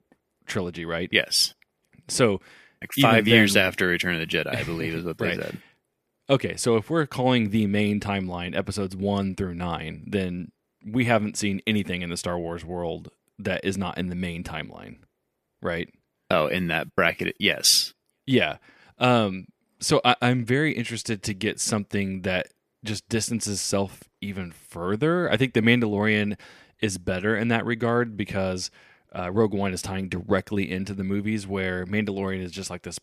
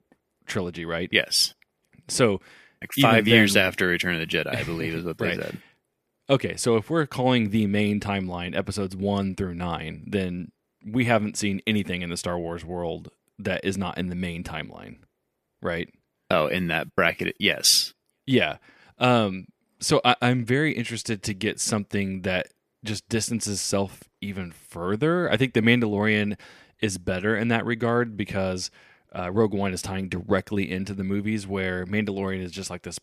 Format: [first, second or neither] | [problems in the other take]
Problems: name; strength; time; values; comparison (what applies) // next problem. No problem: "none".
neither | none